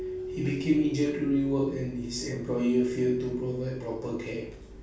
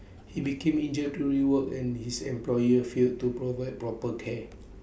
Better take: second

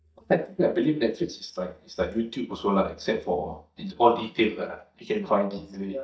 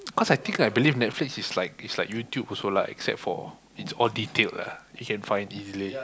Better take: second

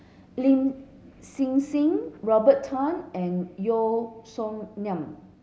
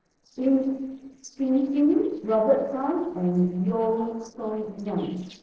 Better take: first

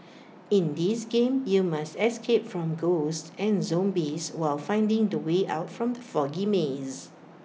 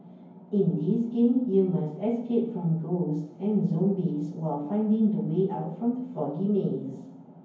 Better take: first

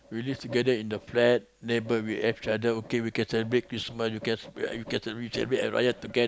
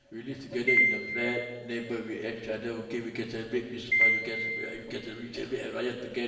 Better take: first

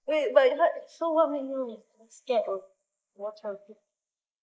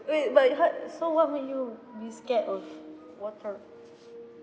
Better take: second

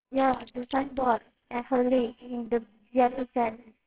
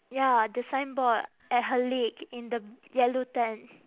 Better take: second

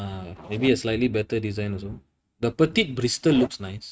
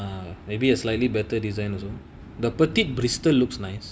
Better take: second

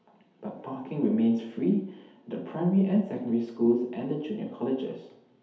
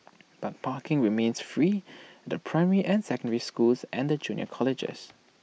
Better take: second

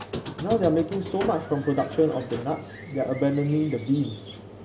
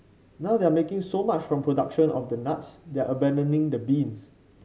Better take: second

